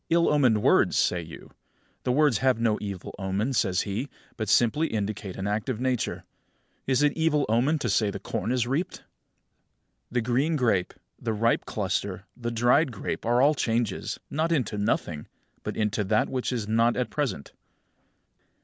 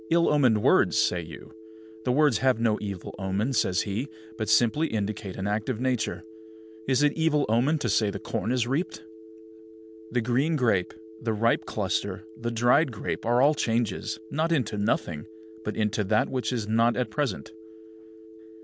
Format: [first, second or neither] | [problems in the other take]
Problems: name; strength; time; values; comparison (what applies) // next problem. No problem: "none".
first | background sound (Telephone); 18 dB below the speech